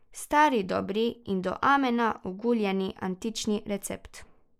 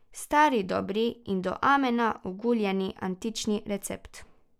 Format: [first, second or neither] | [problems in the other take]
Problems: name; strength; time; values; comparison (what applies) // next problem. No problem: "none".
second | noise reduction (neural mask model Resemble Enhance denoiser)